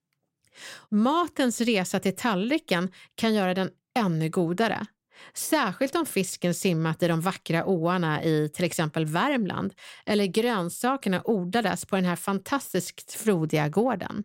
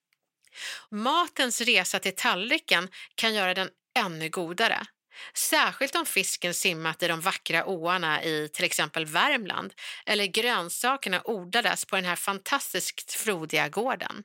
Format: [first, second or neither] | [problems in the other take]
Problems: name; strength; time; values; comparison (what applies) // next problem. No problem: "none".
first | thin; somewhat; fading below 1 kHz